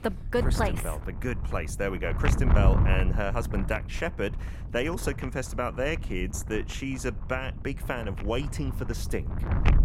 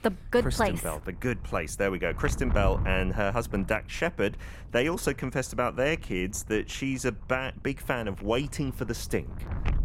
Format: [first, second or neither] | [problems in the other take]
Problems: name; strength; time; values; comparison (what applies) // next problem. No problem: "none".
second | wind noise on the microphone; heavy; 9 dB below the speech; occasional gusts in the second